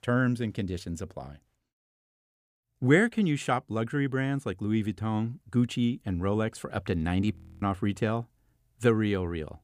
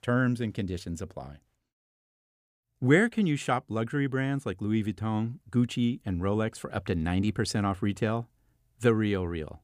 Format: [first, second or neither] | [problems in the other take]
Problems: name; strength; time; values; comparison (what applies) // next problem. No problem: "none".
second | audio freezing; at 7.5 s